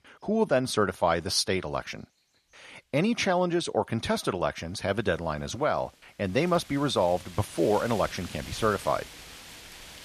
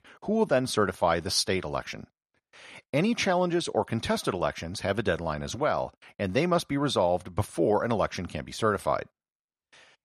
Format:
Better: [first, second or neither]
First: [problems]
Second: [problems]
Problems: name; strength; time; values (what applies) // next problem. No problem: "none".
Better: second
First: animal sounds; noticeable; throughout; 15 dB below the speech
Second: none